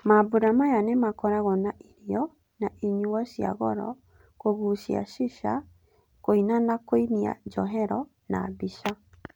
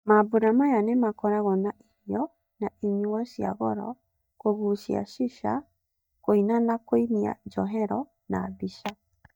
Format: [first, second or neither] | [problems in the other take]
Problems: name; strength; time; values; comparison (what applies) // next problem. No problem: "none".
first | noise reduction (neural mask model DeepFilterNet 3)